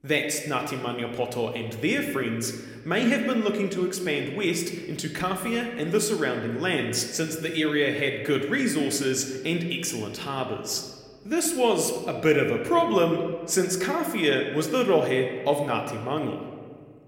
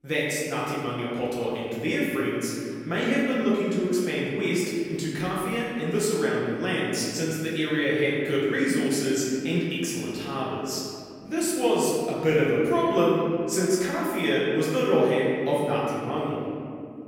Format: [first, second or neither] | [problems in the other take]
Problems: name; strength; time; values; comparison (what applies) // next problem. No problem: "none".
first | room echo; strong; dies away in 2.4 s; slight in the first // off-mic speech; far